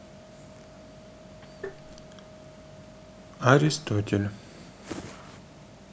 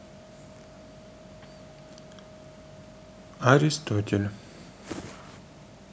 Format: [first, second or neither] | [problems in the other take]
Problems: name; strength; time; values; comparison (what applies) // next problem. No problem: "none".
second | background sound (Tap); 13 dB below the speech